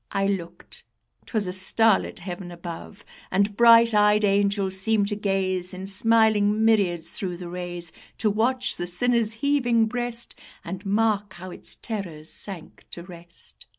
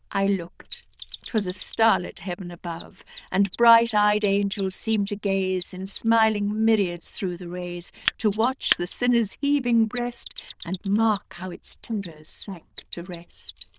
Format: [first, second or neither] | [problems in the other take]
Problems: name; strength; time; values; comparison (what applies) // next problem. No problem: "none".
first | noise reduction (neural diffusion model UNIVERSE++)